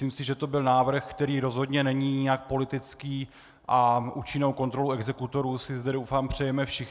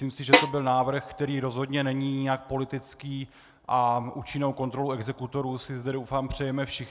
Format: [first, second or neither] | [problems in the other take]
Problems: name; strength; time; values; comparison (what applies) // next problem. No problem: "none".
first | background sound (Snare drum); 3 dB above the speech